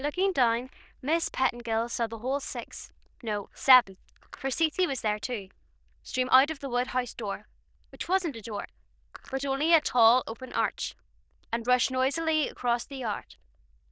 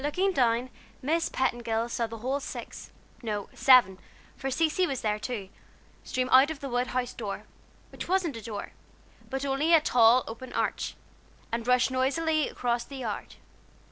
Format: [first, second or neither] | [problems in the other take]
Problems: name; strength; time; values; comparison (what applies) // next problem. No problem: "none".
second | noise reduction (neural diffusion model UNIVERSE++)